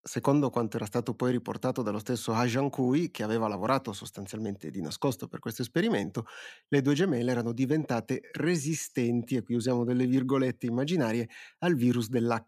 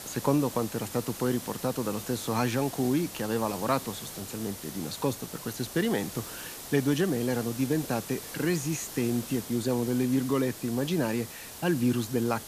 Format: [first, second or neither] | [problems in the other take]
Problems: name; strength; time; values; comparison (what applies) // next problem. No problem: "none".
first | hiss; noticeable; throughout; 10 dB below the speech